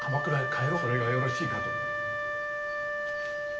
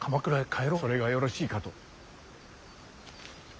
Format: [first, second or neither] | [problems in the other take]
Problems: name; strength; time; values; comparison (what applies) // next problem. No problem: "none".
second | background sound (Wind instrument, woodwind instrument); 1 dB above the speech // room echo; dies away in 2.3 s